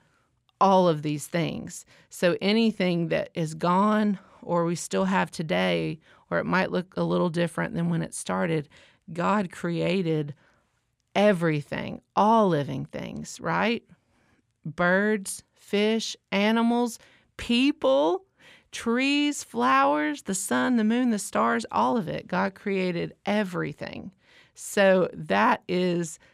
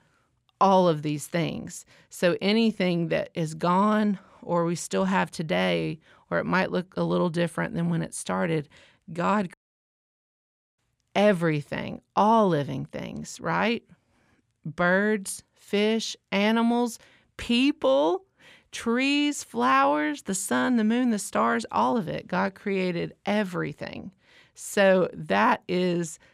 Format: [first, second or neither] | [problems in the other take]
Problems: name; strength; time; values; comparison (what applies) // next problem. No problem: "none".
first | audio cutting out; at 9.5 s for 1 s